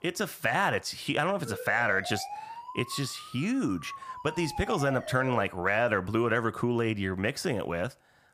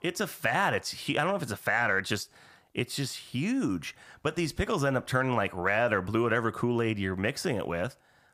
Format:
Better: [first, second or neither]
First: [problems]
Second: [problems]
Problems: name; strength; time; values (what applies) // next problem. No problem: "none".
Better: second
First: siren; noticeable; from 1.5 to 5.5 s; peak 9 dB below the speech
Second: none